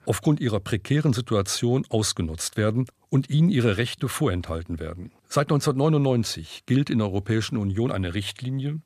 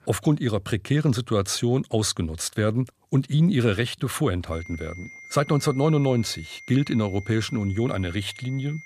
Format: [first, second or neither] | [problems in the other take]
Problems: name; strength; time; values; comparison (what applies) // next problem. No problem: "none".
first | high-pitched whine; noticeable; from 4.5 s on; 2 kHz, 15 dB below the speech